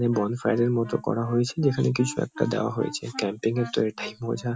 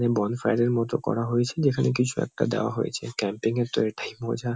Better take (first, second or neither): second